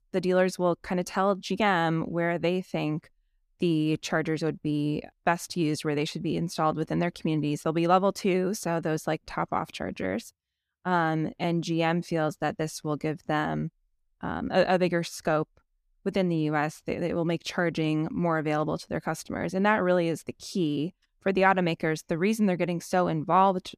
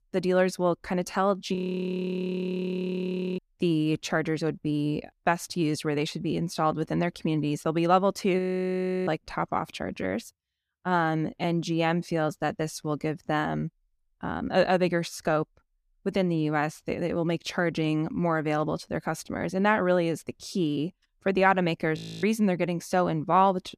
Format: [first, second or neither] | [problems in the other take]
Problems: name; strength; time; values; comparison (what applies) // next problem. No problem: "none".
first | audio freezing; at 1.5 s for 2 s, at 8.5 s for 0.5 s and at 22 s